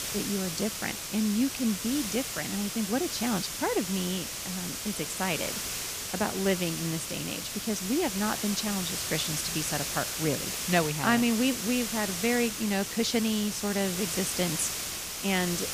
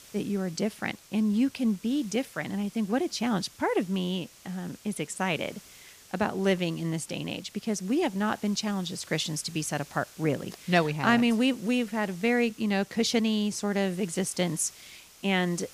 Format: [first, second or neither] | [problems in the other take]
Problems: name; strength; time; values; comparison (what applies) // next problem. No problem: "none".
second | hiss; loud; throughout; 2 dB below the speech; faint in the second